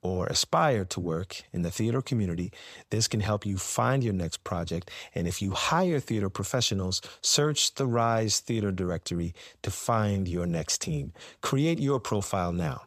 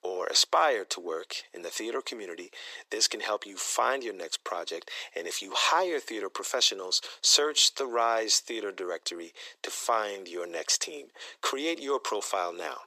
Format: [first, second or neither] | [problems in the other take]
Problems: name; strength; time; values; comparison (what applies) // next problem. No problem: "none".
first | thin; very; fading below 350 Hz